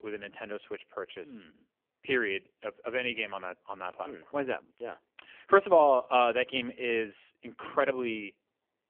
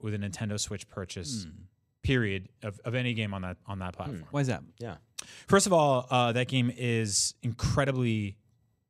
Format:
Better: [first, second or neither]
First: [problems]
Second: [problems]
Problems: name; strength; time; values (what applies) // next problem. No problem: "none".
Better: second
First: phone-call audio; poor line; nothing above 3 kHz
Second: none